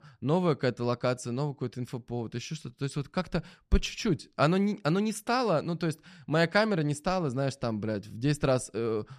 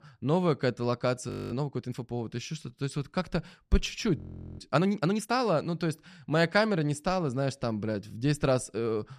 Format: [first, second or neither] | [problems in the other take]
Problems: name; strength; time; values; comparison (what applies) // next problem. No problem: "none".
first | audio freezing; at 1.5 s and at 4 s